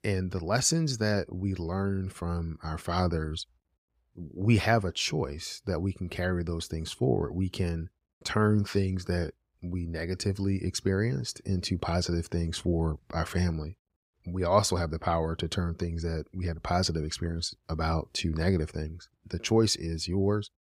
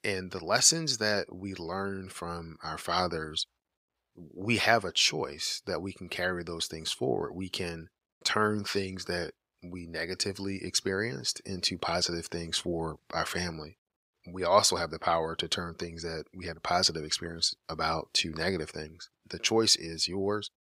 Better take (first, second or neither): first